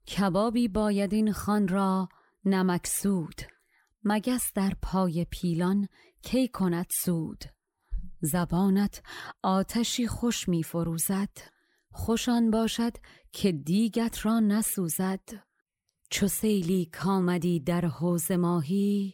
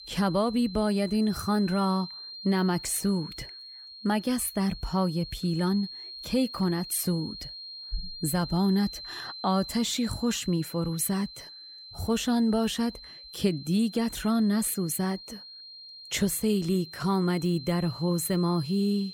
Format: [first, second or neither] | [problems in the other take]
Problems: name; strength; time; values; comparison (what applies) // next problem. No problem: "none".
first | high-pitched whine; noticeable; throughout; 4 kHz, 15 dB below the speech